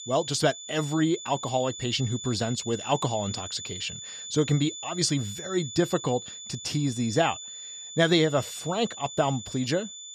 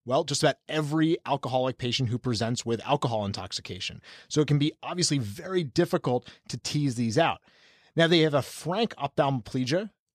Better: second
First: high-pitched whine; loud; throughout; 3.5 kHz, 10 dB below the speech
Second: none

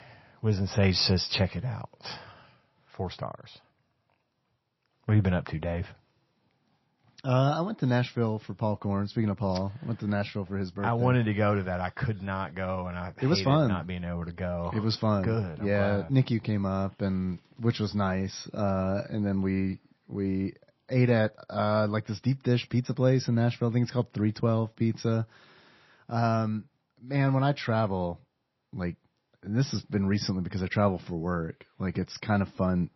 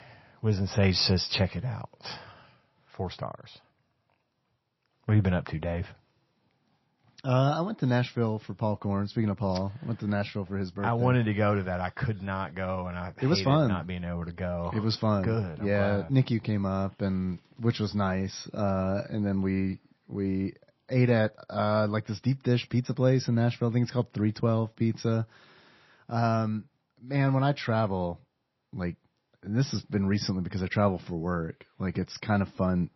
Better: neither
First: garbled, watery; slightly; nothing above 5.5 kHz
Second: garbled, watery; slightly; nothing above 5.5 kHz

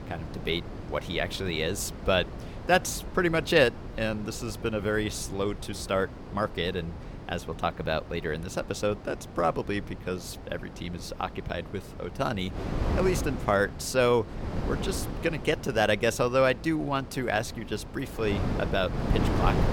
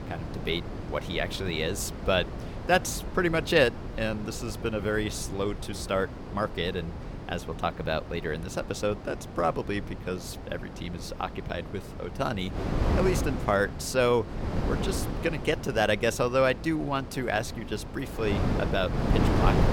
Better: first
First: wind noise on the microphone; occasional gusts; 10 dB below the speech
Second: wind noise on the microphone; heavy; 9 dB below the speech

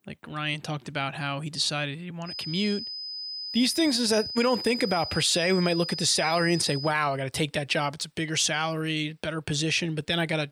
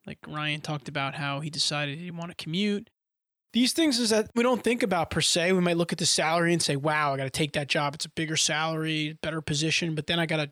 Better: second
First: high-pitched whine; loud; from 2.5 to 7 s; 5 kHz, 7 dB below the speech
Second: none

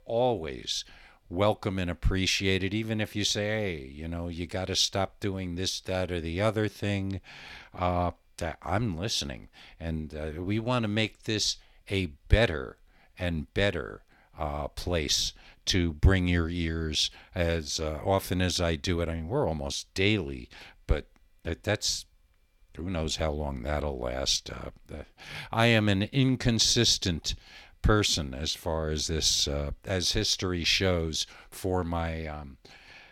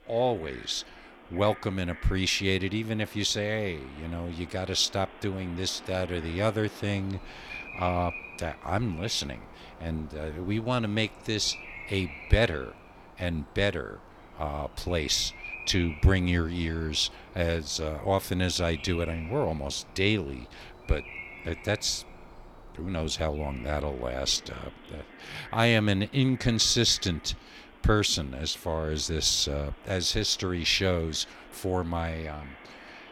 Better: first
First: none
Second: animal sounds; noticeable; throughout; 20 dB below the speech

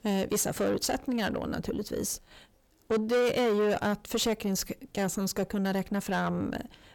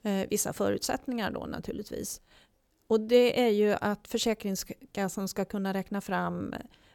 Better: second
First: distortion; heavy; 7 dB below the speech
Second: none

